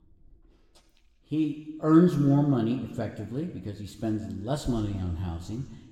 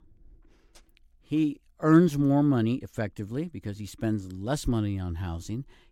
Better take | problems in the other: second | room echo; slight; dies away in 1.3 s

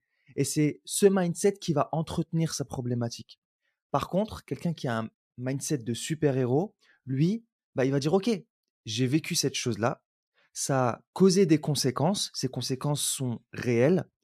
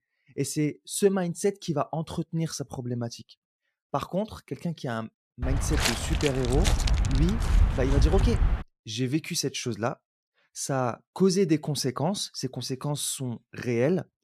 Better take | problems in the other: first | footsteps; loud; from 5.5 to 8.5 s; peak 5 dB above the speech

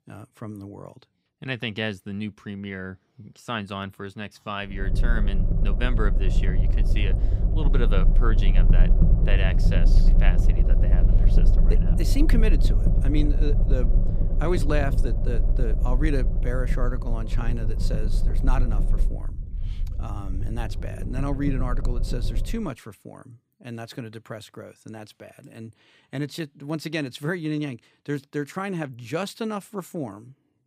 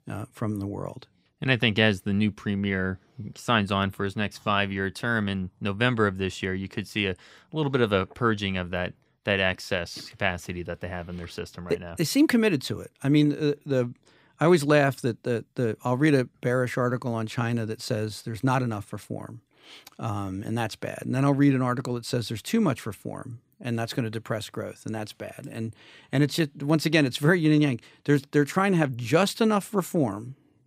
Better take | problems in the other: second | low rumble; loud; from 5 to 23 s; 6 dB below the speech

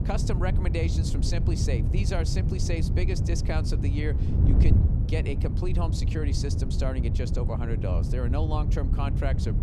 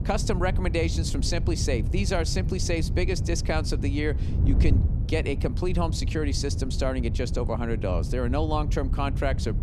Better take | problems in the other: second | wind noise on the microphone; heavy; 4 dB below the speech; occasional gusts in the second

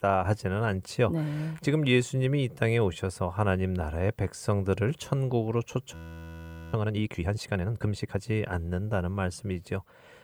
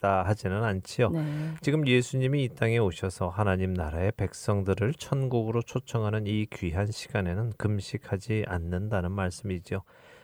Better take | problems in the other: second | audio freezing; at 6 s for 1 s

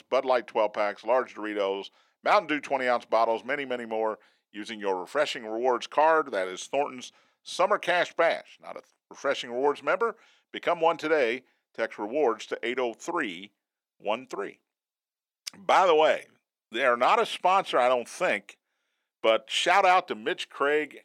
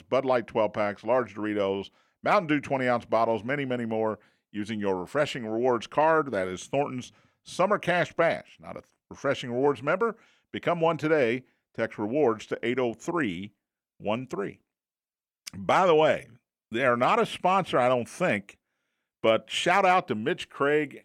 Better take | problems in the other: second | thin; somewhat; fading below 400 Hz

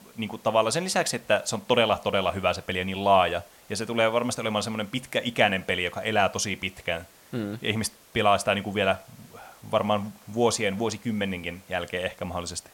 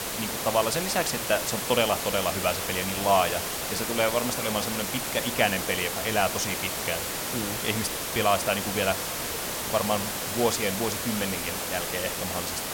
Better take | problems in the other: first | hiss; loud; throughout; 1 dB below the speech; faint in the first

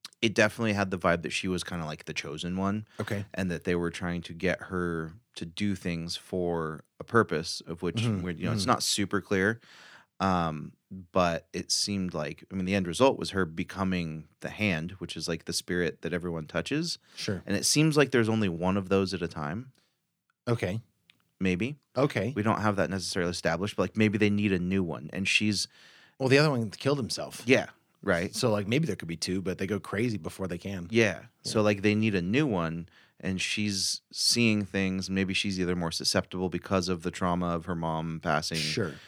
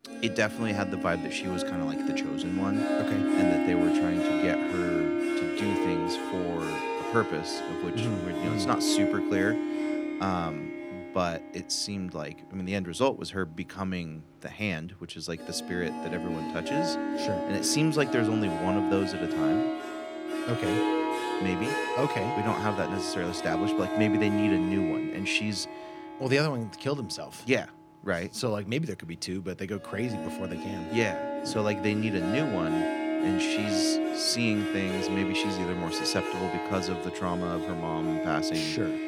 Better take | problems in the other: first | background music; very loud; throughout; 1 dB above the speech

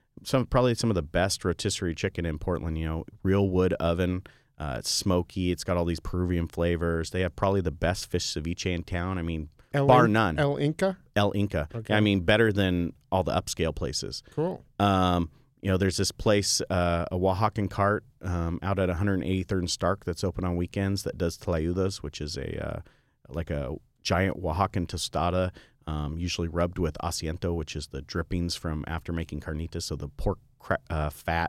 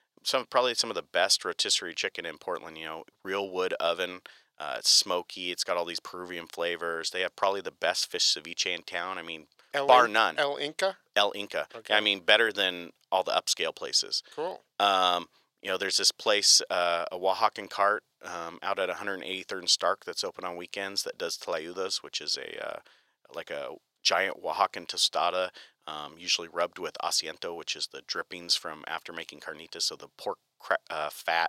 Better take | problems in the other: first | thin; very; fading below 700 Hz

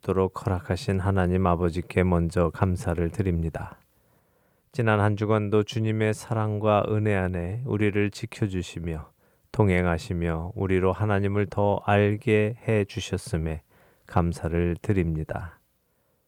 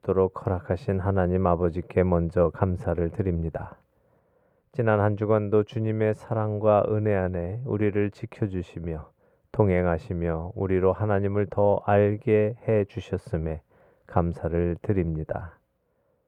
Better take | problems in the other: first | muffled; very; fading above 2.5 kHz

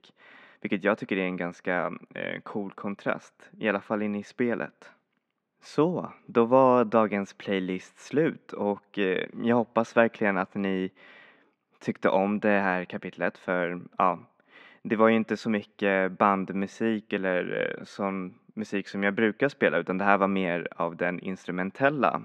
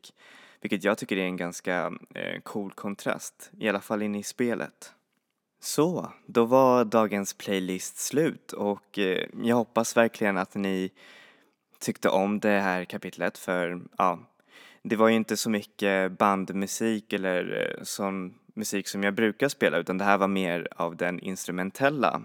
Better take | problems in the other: second | muffled; very; fading above 2.5 kHz

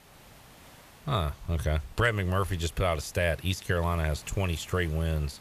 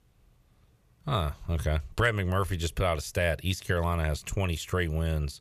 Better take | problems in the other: second | hiss; faint; throughout; 25 dB below the speech

